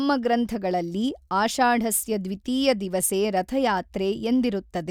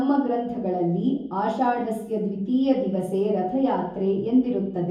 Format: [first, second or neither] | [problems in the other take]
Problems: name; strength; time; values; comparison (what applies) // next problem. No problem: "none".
first | room echo; dies away in 0.7 s